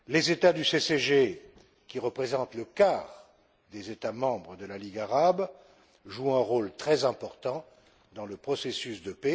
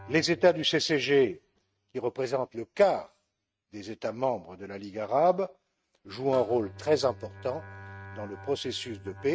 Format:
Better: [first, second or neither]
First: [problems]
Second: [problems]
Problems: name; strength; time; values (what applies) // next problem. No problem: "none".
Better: first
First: none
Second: noise reduction (neural mask model RNNoise)